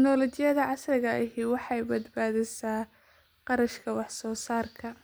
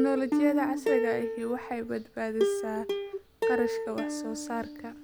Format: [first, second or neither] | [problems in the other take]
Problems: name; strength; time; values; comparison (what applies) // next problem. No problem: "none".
first | background sound (Plucked string instrument); 2 dB above the speech